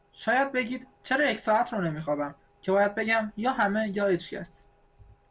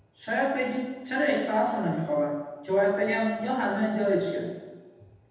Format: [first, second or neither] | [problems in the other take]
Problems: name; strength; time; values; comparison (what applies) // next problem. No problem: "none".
first | room echo; dies away in 1.1 s